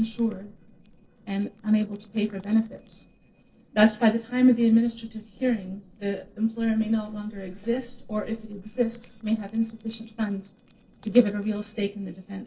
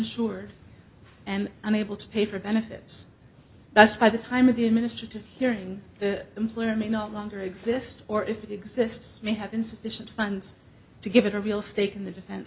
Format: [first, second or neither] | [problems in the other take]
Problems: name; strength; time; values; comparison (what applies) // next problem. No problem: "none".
second | noise reduction (neural separator model SepFormer DNS4)